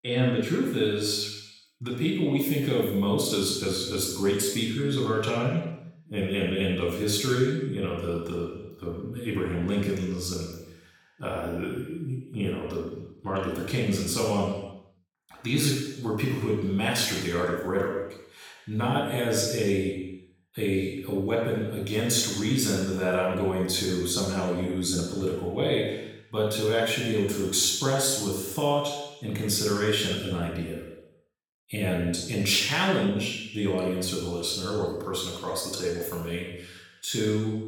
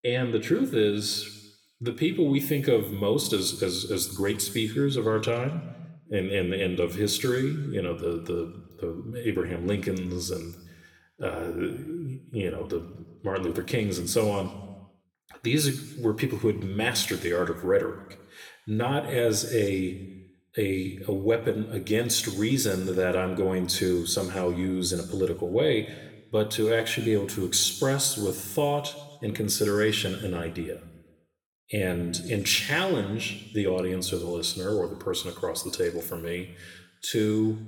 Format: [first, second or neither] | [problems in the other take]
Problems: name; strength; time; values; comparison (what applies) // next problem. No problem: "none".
second | room echo; strong; dies away in 0.9 s; slight in the second // off-mic speech; far